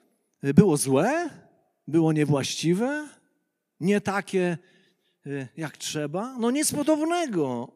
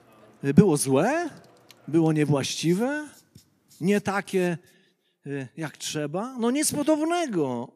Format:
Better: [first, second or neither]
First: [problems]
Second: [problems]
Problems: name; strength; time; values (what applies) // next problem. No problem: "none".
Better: first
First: none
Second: household noises; faint; until 4.5 s; 25 dB below the speech